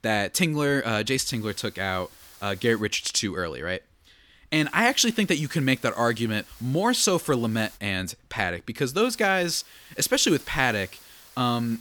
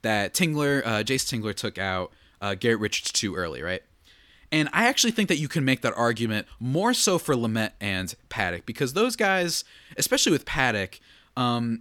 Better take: second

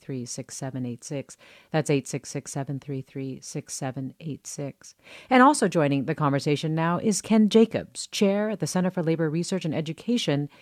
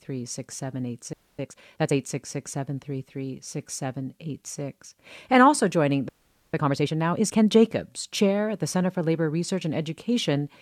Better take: first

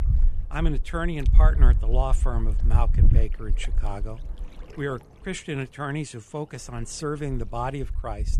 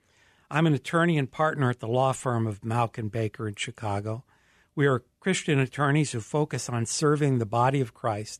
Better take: second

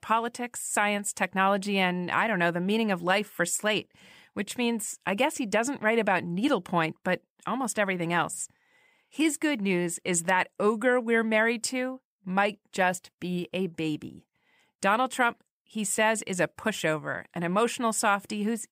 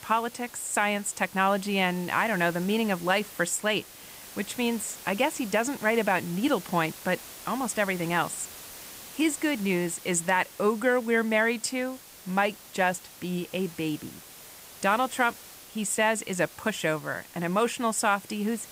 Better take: first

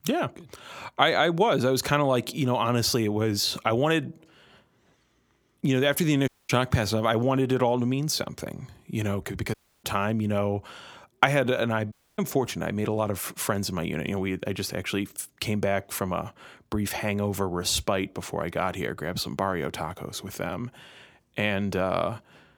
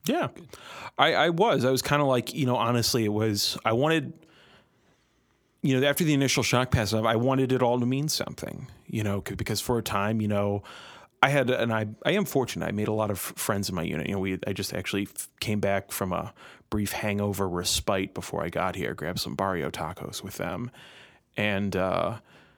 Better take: second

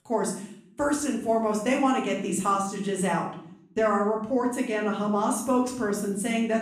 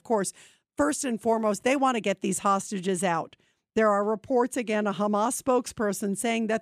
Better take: second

